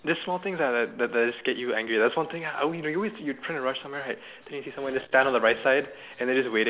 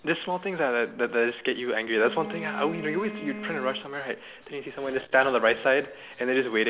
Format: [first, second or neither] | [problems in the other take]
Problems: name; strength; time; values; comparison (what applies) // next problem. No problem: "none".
first | background sound (Bowed string instrument); 13 dB below the speech